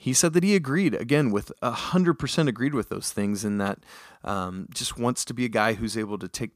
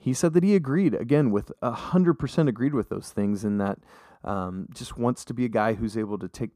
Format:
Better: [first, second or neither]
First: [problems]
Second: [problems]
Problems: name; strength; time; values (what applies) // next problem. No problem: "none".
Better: first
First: none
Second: muffled; slightly; fading above 1.5 kHz